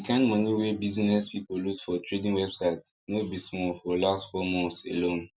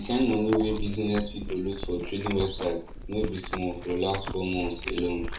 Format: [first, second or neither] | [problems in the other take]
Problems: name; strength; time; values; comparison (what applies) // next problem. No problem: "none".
first | background sound (Chewing, mastication); 7 dB below the speech // room echo; dies away in 0.4 s